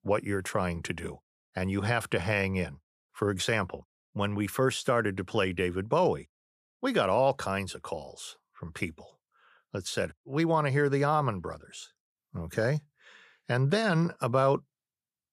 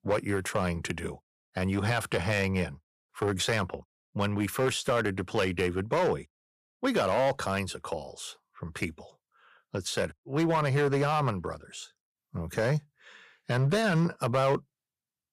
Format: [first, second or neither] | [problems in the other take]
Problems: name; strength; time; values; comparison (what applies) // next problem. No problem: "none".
first | distortion; slight; 5% of the sound clipped